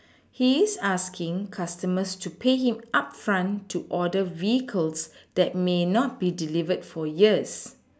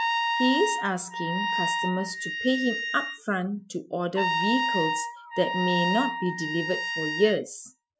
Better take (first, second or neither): first